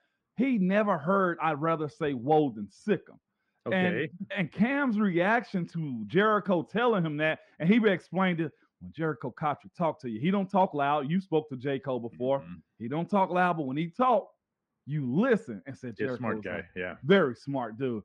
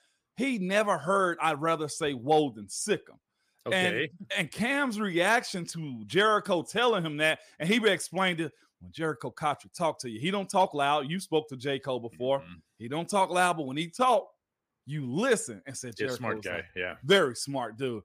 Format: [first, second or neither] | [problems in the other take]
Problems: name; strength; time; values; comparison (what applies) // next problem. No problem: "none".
second | muffled; very; fading above 2 kHz